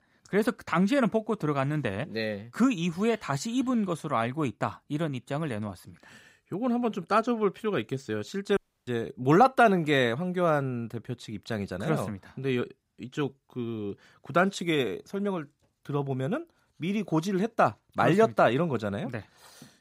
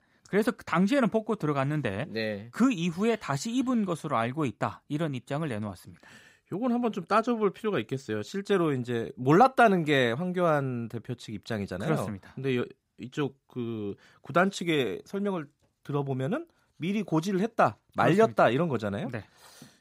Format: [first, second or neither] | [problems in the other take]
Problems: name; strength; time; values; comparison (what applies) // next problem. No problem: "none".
second | audio cutting out; at 8.5 s